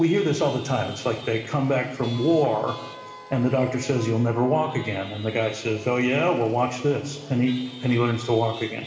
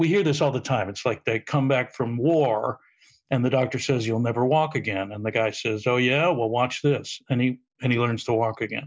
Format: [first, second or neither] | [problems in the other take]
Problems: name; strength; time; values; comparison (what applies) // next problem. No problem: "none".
second | background sound (Chatter / Traffic noise, roadway noise / Vehicle horn, car horn, honking / Engine); 18 dB below the speech // room echo; dies away in 1.2 s